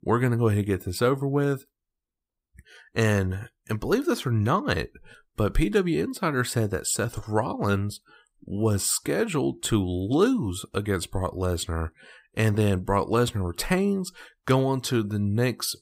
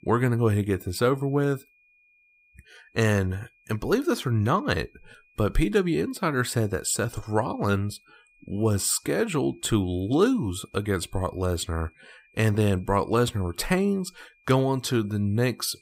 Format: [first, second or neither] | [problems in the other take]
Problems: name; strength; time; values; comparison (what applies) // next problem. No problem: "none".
first | high-pitched whine; faint; throughout; 2.5 kHz, 35 dB below the speech